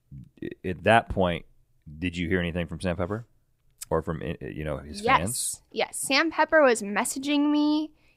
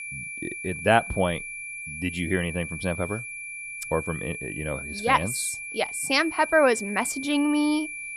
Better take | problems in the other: first | high-pitched whine; loud; throughout; 2.5 kHz, 8 dB below the speech

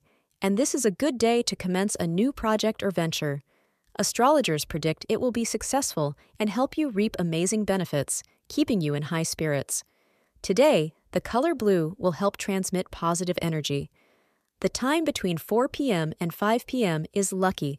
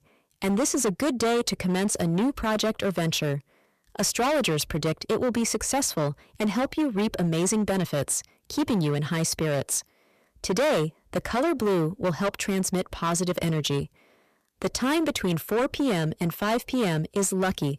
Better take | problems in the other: first | distortion; heavy; 15% of the sound clipped

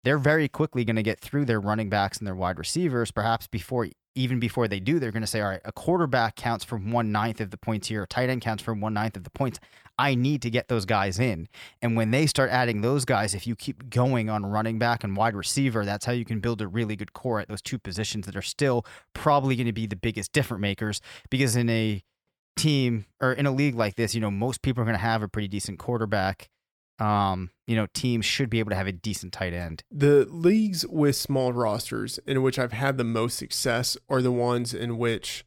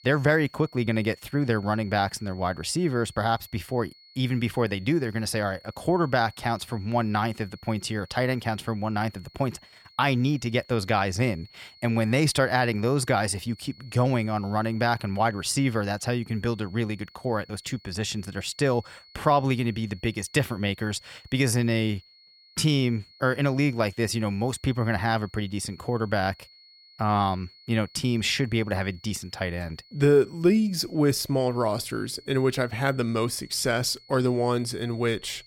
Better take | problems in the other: first | high-pitched whine; faint; throughout; 4.5 kHz, 25 dB below the speech

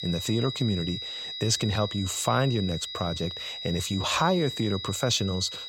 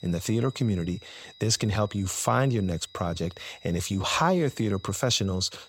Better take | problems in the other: second | high-pitched whine; loud; throughout; 4 kHz, 7 dB below the speech; faint in the second

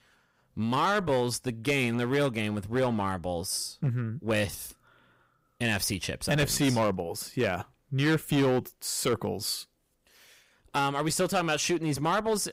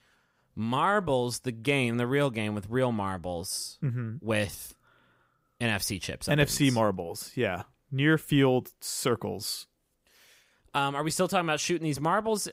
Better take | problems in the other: second | distortion; slight; 7% of the sound clipped

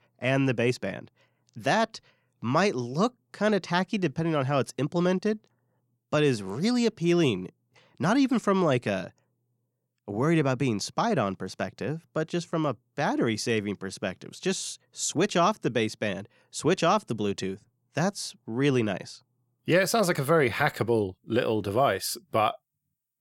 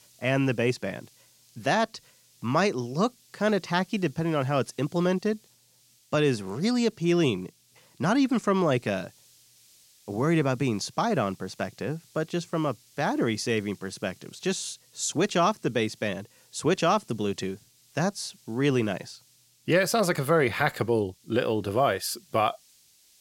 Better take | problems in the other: first | hiss; faint; throughout; 30 dB below the speech

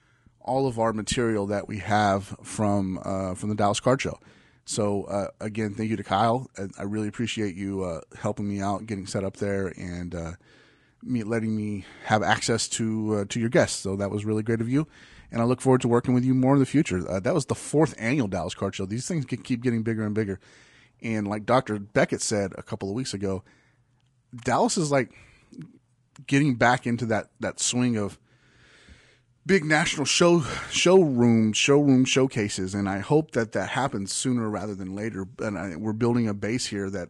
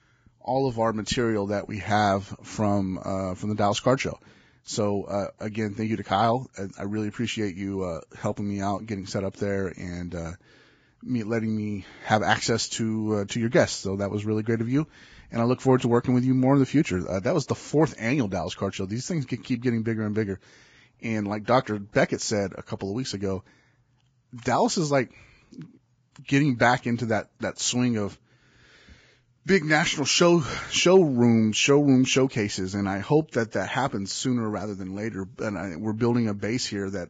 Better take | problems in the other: first | garbled, watery; badly; nothing above 7.5 kHz; slightly in the first

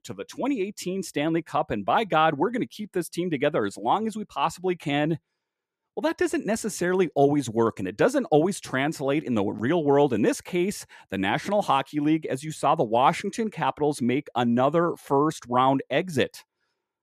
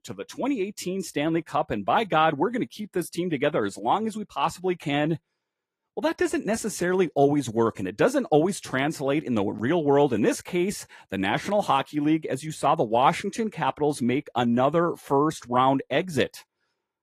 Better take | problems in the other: first | garbled, watery; slightly; nothing above 14.5 kHz

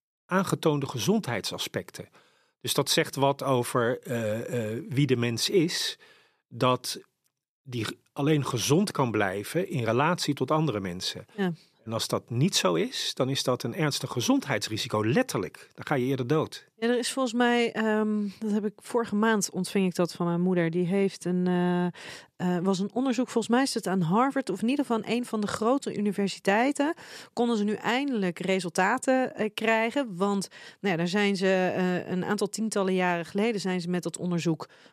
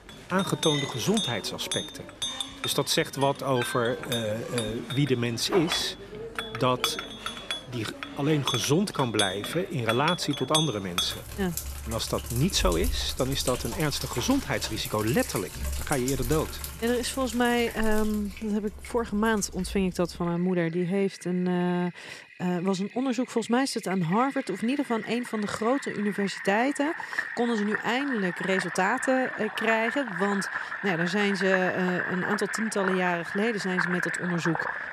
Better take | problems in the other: first | household noises; loud; throughout; 5 dB below the speech

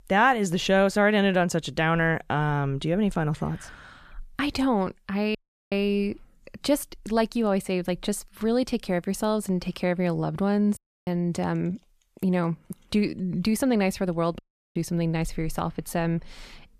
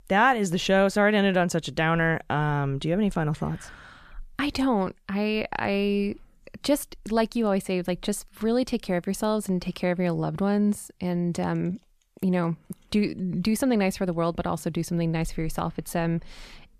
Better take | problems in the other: second | audio cutting out; at 5.5 s, at 11 s and at 14 s

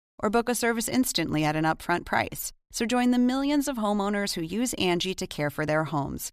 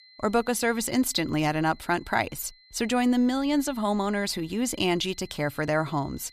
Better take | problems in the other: first | high-pitched whine; faint; throughout; 4 kHz, 25 dB below the speech

